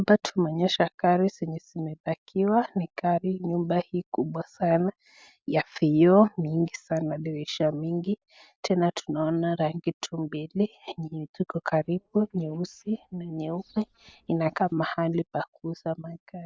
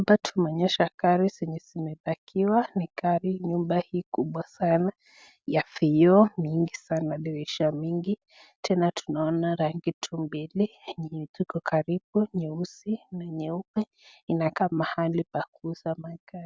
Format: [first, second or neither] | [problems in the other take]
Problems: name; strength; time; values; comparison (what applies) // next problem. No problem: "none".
second | noise reduction (neural mask model Resemble Enhance denoiser)